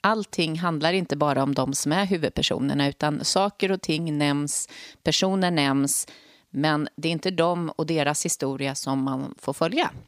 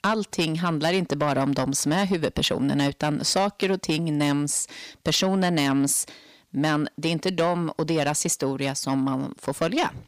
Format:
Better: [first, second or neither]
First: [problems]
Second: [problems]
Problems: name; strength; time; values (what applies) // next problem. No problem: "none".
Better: first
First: none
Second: distortion; slight; 10 dB below the speech